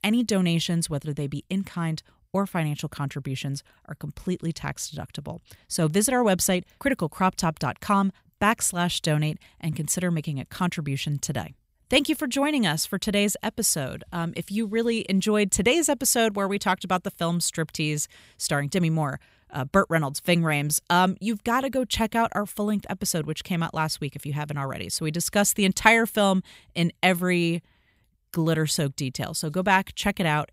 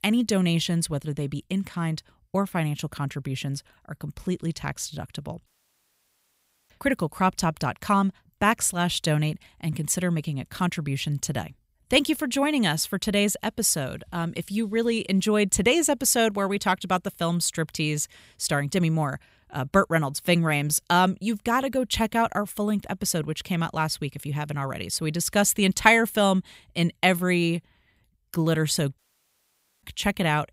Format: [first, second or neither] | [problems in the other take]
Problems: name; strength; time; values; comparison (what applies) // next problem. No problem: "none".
first | audio cutting out; at 5.5 s for 1 s and at 29 s for 1 s